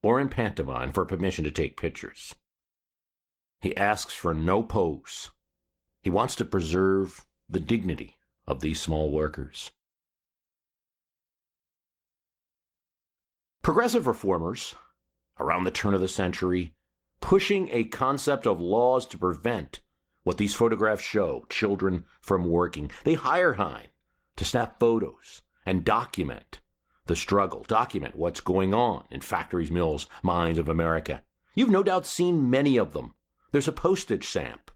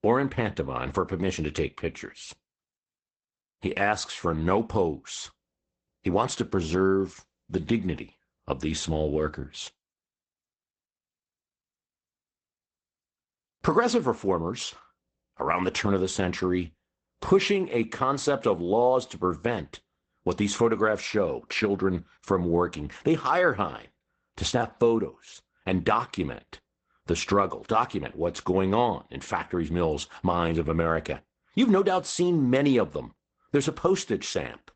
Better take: first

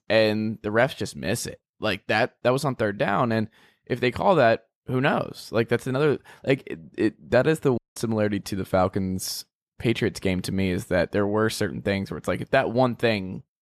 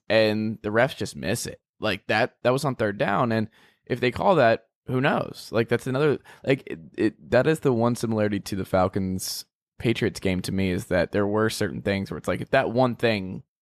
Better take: second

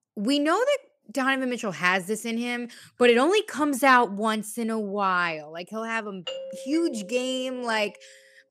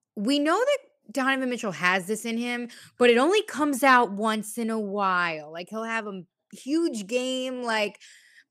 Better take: second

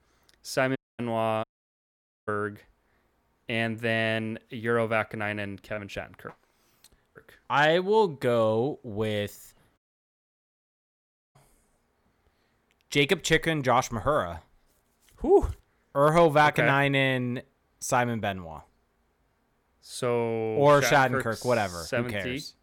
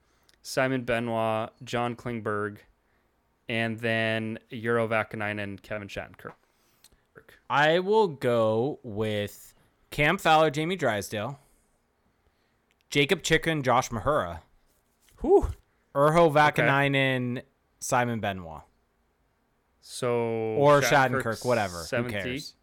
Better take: second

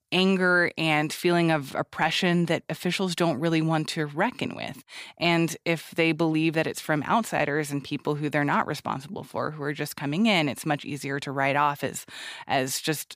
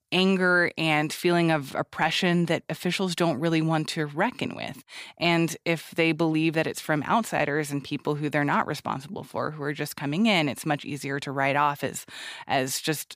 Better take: neither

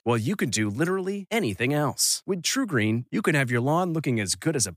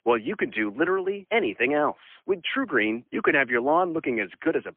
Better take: first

